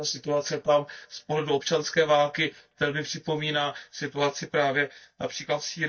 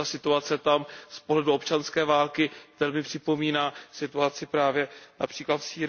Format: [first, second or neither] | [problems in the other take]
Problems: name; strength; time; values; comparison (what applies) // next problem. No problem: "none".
second | noise reduction (neural mask model DeepFilterNet 3)